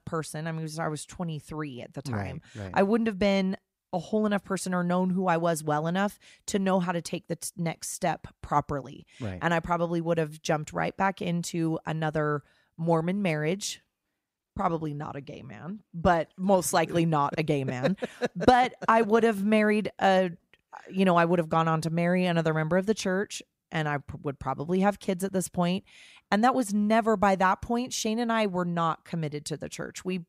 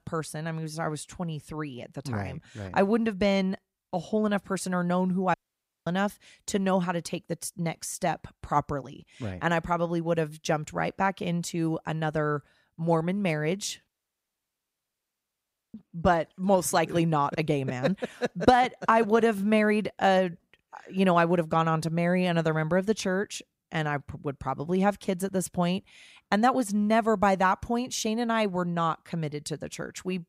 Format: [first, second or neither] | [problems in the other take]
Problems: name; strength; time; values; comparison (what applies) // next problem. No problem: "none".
first | audio cutting out; at 5.5 s for 0.5 s and at 14 s for 2 s